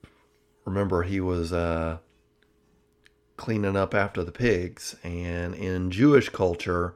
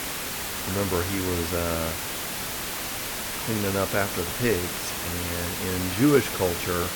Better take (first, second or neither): first